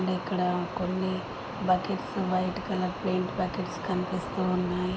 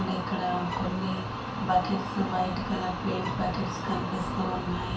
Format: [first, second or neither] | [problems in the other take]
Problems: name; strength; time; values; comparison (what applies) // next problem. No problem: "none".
first | background sound (Bowed string instrument); 13 dB below the speech // room echo; dies away in 0.3 s